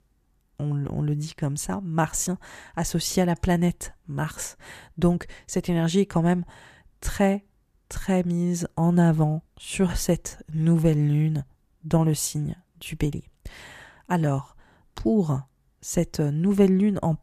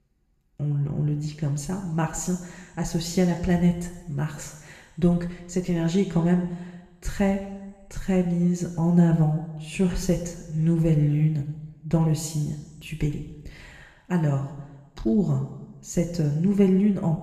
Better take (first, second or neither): first